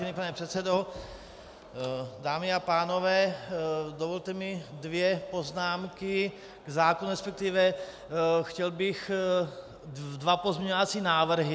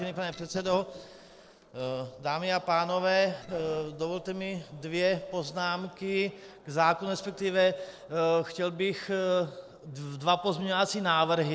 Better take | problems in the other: first | noise reduction (neural separator model SepFormer DNS4)

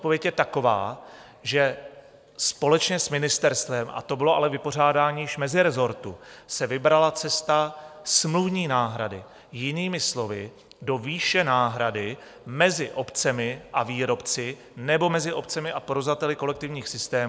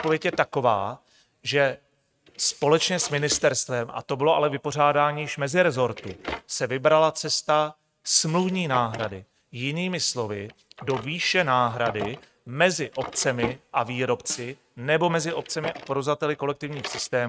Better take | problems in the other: first | noise reduction (neural mask model RNNoise)

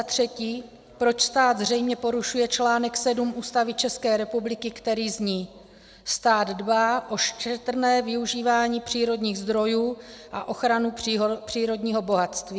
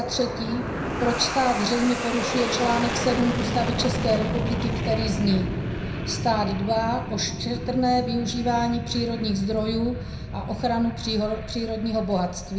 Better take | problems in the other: first | background sound (Fixed-wing aircraft, airplane); 3 dB below the speech // room echo; dies away in 0.5 s

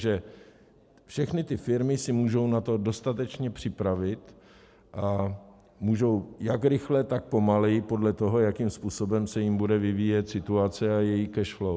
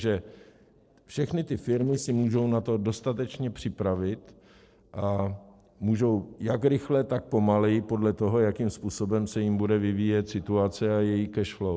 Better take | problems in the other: first | noise reduction (neural separator model SepFormer DNS4)

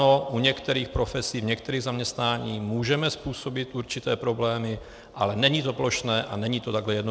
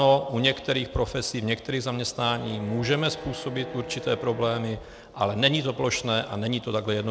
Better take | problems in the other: first | background sound (Bowed string instrument); 17 dB below the speech

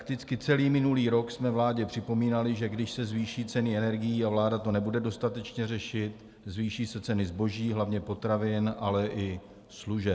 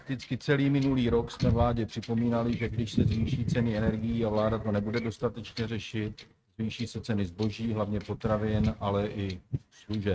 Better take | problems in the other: first | noise reduction (neural mask model RNNoise)

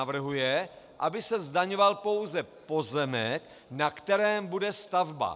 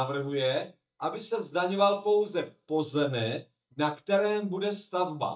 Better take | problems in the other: first | noise reduction (neural mask model DeepFilterNet 3)

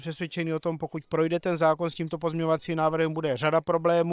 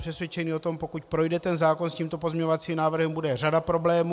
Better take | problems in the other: second | noise reduction (neural separator model SepFormer WHAM!)

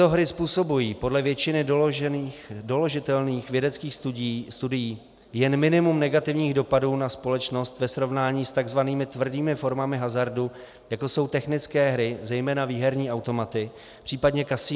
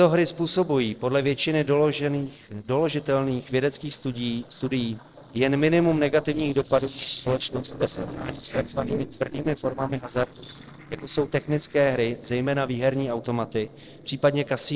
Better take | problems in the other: first | noise reduction (neural separator model SepFormer DNS4)

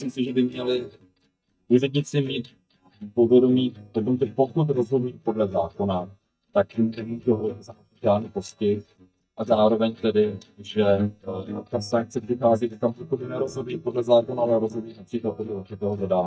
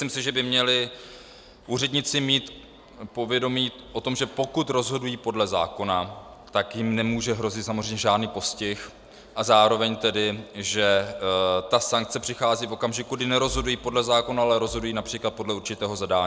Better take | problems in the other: second | noise reduction (neural mask model DeepFilterNet 3)

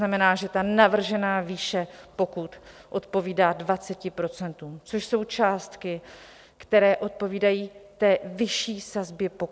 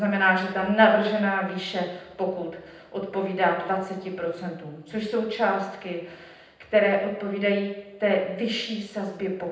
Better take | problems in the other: first | room echo; dies away in 0.8 s

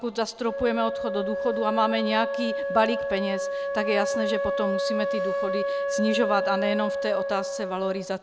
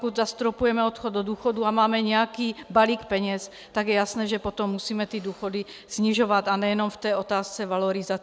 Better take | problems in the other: second | background sound (Wind instrument, woodwind instrument); 1 dB below the speech

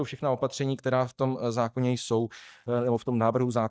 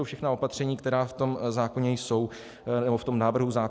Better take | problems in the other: second | noise reduction (neural mask model DeepFilterNet 3)

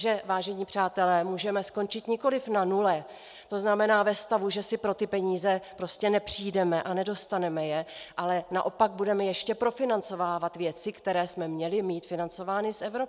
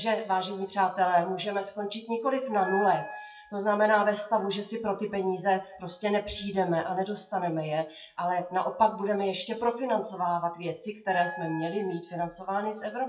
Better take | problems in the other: first | noise reduction (classical method WPE with log-MMSE)

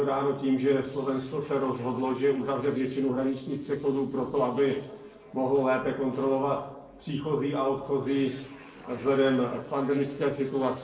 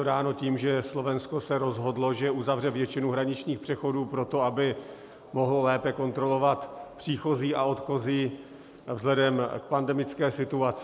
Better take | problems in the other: second | noise reduction (neural separator model SepFormer DNS4)

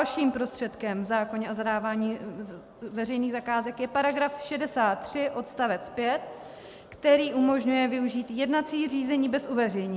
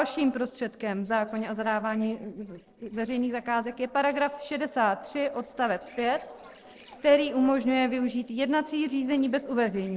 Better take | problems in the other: first | noise reduction (neural separator model SepFormer DNS4)

